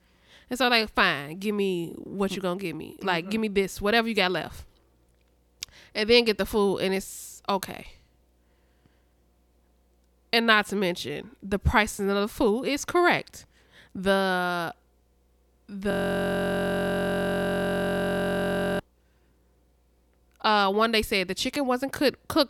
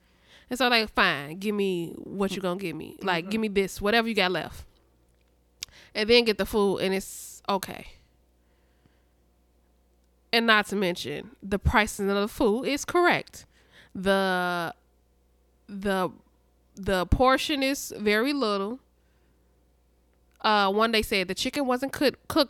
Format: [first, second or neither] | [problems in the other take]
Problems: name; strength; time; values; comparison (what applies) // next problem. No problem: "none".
second | audio freezing; at 16 s for 3 s